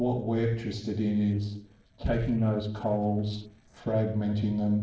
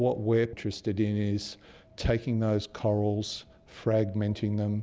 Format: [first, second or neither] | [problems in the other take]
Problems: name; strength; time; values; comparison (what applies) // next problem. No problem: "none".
second | noise reduction (neural separator model SepFormer DNS4)